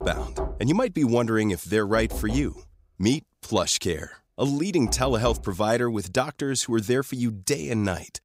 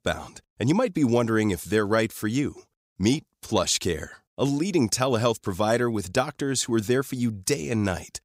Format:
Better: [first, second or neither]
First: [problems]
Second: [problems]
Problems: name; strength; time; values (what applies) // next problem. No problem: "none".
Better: second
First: door banging; noticeable; until 5.5 s; peak 7 dB below the speech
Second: none